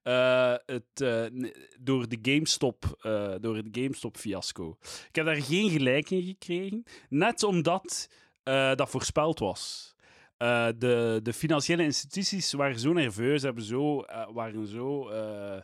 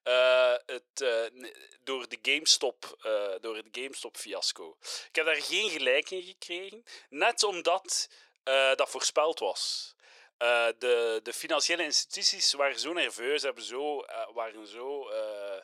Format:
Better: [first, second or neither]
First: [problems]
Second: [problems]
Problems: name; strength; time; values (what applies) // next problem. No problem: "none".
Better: first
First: none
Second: thin; very; fading below 500 Hz